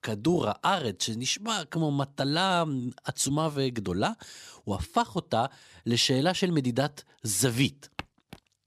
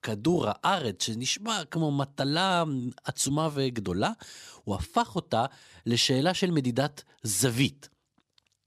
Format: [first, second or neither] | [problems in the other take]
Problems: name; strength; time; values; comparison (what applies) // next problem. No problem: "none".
second | footsteps; very faint; at 8 s; peak 15 dB below the speech